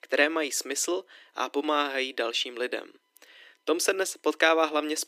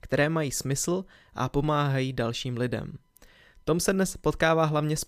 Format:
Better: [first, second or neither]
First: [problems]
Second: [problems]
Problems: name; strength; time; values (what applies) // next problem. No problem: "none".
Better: second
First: thin; somewhat; fading below 300 Hz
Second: none